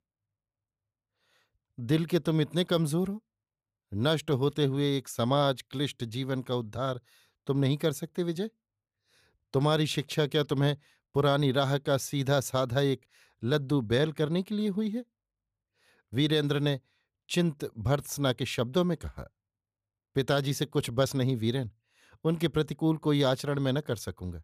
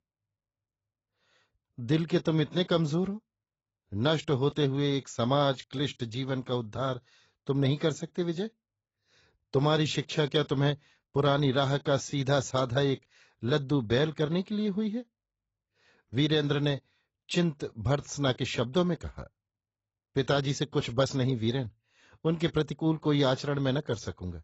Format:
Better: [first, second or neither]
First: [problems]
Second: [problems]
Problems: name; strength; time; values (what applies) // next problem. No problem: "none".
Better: first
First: none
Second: garbled, watery; badly; nothing above 7.5 kHz